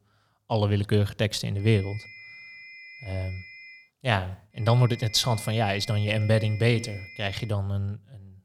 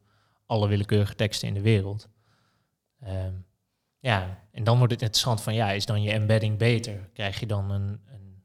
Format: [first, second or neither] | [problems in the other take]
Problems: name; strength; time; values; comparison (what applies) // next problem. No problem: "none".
second | high-pitched whine; noticeable; from 1.5 to 4 s and from 4.5 to 7.5 s; 2 kHz, 15 dB below the speech